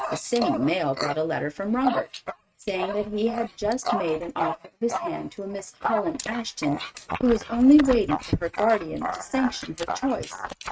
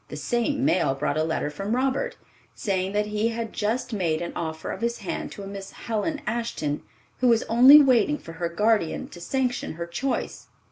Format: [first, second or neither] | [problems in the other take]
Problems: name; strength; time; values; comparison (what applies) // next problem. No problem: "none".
second | noise reduction (neural mask model RNNoise)